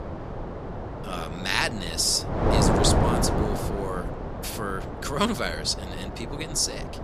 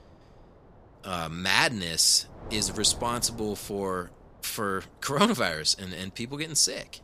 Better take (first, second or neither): second